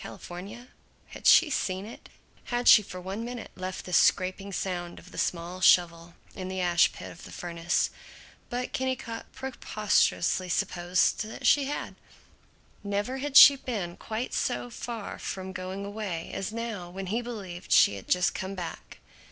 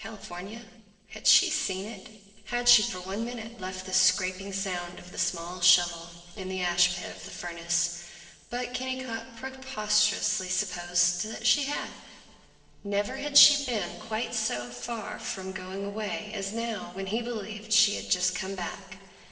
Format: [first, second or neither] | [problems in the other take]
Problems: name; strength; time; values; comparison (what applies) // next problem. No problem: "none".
first | noise reduction (neural separator model SepFormer DNS4)